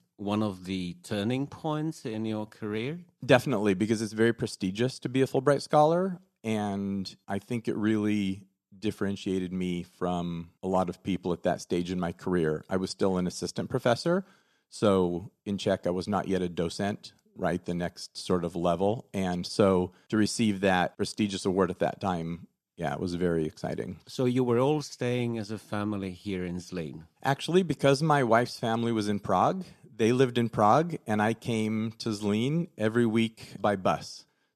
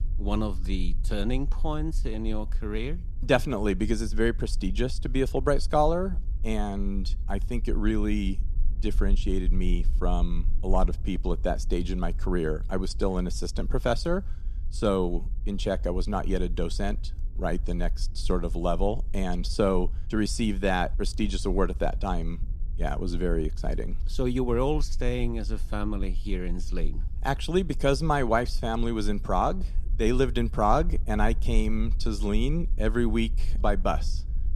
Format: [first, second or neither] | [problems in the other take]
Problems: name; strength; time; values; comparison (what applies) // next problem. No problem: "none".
first | low rumble; faint; throughout; 25 dB below the speech